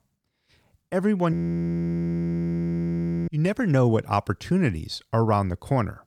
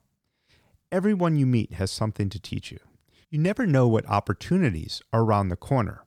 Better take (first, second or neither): second